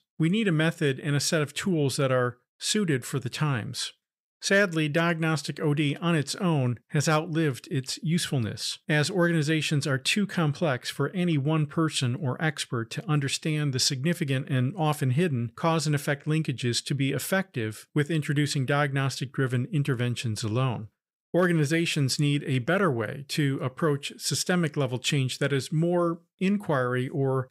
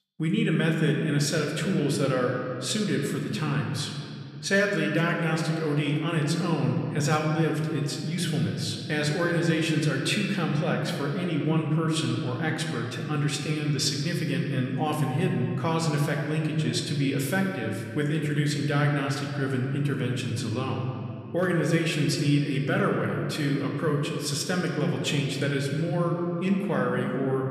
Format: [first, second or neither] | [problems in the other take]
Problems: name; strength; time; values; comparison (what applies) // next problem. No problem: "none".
first | room echo; noticeable; dies away in 2.2 s // off-mic speech; somewhat distant